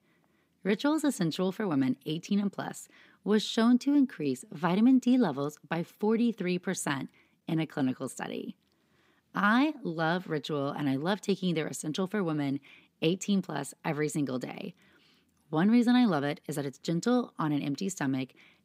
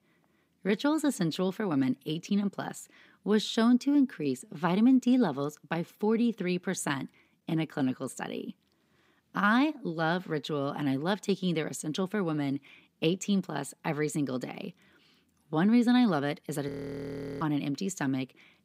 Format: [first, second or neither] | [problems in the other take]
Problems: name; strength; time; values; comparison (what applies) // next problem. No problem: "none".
first | audio freezing; at 17 s for 0.5 s